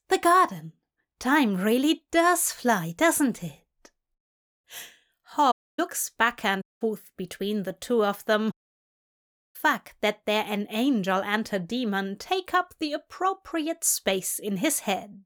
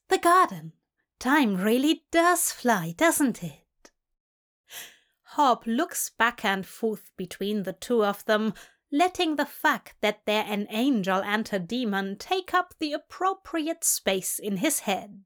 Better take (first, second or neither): second